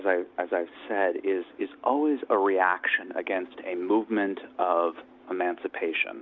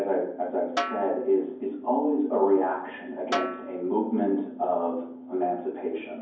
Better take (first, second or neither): first